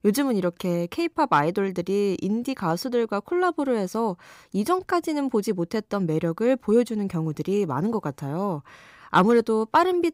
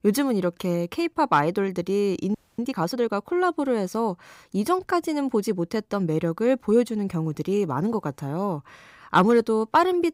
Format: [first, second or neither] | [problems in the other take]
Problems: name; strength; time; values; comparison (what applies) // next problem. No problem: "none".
first | audio freezing; at 2.5 s